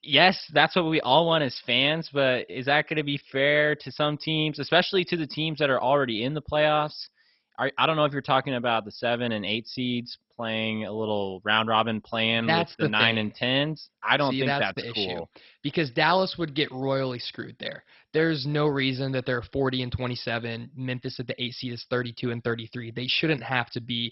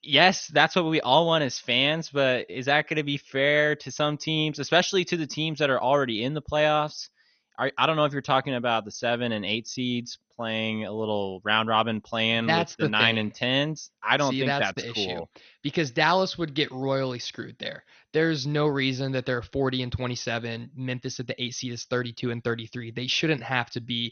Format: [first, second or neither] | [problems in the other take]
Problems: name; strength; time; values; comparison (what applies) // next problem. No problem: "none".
second | garbled, watery; badly; nothing above 5.5 kHz; slightly in the second